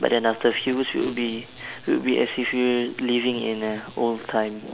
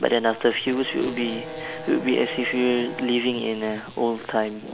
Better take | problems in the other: first | background sound (Bowed string instrument); 14 dB below the speech

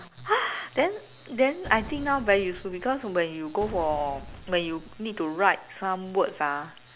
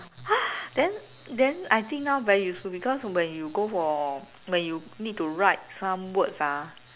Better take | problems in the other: second | background sound (Boom); 14 dB below the speech

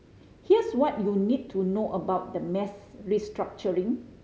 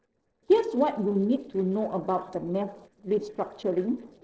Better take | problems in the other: first | noise reduction (neural separator model SepFormer DNS4)

